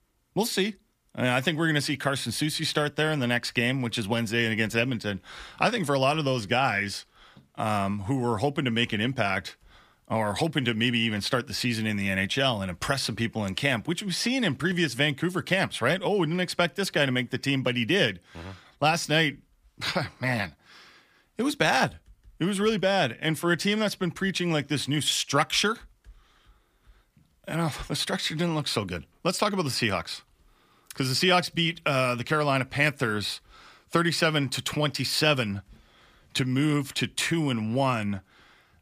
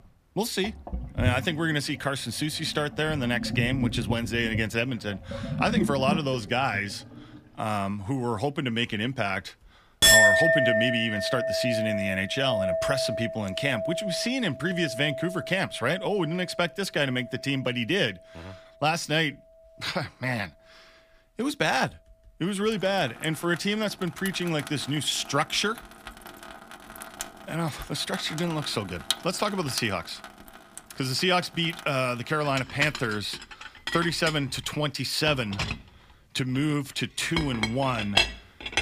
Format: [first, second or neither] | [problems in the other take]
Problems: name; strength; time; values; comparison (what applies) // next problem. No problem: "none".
first | household noises; very loud; throughout; as loud as the speech